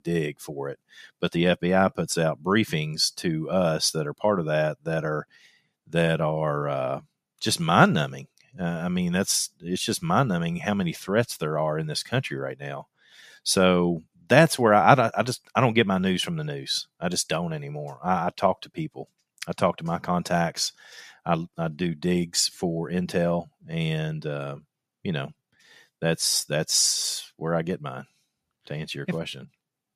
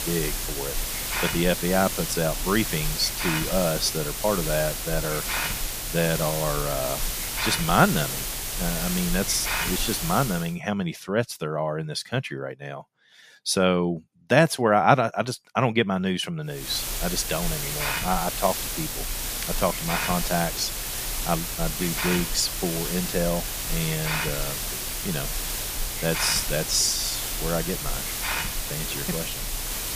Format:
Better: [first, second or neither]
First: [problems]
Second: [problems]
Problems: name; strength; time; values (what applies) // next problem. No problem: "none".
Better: first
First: none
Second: hiss; loud; until 10 s and from 17 s on; 2 dB below the speech